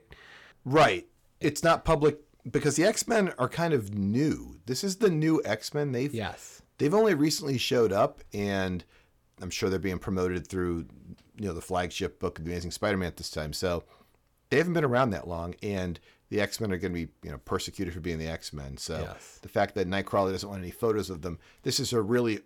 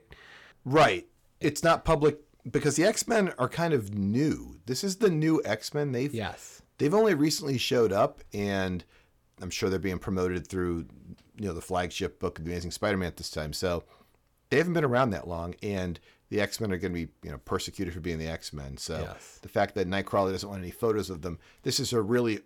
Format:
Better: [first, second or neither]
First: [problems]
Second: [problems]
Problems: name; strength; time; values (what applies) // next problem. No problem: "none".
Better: neither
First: distortion; slight; 10 dB below the speech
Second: distortion; slight; 10 dB below the speech